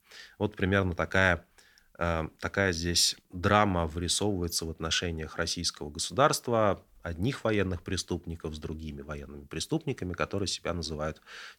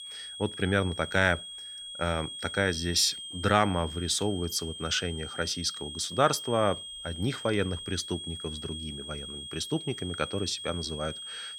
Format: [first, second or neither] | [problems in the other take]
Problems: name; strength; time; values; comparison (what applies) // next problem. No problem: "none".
first | high-pitched whine; loud; throughout; 3.5 kHz, 9 dB below the speech